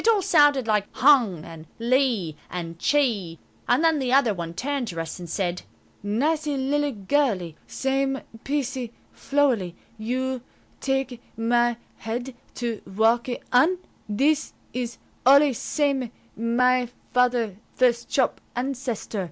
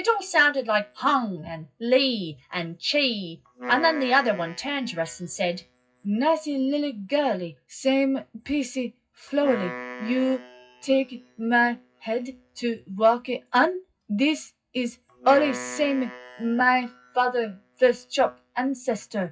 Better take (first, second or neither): first